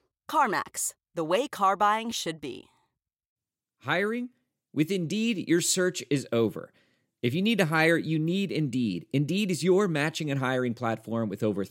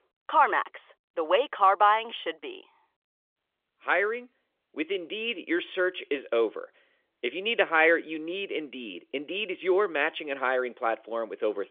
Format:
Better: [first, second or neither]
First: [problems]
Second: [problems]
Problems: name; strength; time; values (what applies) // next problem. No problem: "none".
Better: first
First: none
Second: phone-call audio; nothing above 3.5 kHz